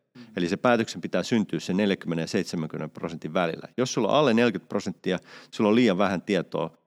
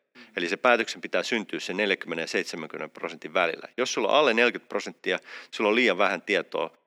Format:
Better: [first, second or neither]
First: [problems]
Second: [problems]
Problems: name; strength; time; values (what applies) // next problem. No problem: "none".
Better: first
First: none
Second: thin; somewhat; fading below 400 Hz